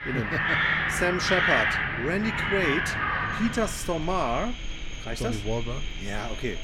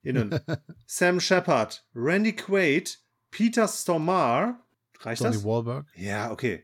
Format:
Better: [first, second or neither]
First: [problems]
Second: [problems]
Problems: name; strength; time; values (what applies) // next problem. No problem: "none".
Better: second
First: animal sounds; very loud; throughout; 2 dB above the speech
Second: none